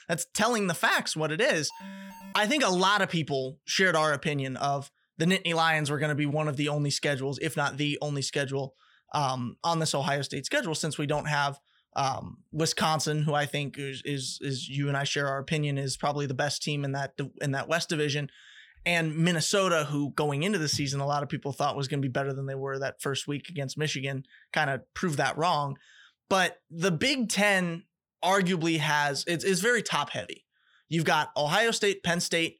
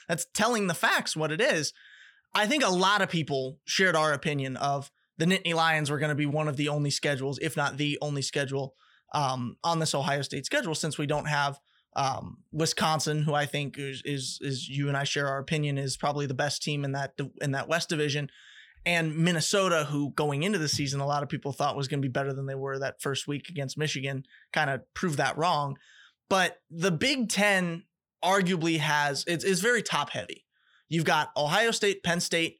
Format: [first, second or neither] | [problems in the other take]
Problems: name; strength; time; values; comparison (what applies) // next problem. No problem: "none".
second | alarm; faint; at 1.5 s; peak 15 dB below the speech